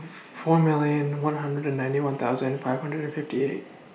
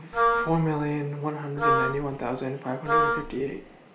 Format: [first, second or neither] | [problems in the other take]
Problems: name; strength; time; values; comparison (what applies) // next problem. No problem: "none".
first | background sound (Wind instrument, woodwind instrument); 3 dB above the speech